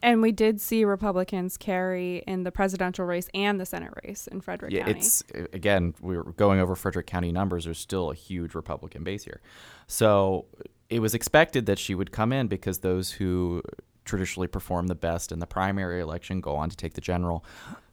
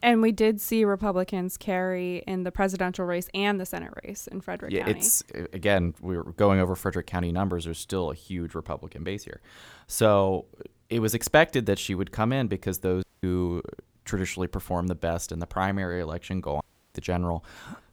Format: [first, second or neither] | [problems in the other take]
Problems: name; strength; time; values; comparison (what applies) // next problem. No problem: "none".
first | audio cutting out; at 13 s and at 17 s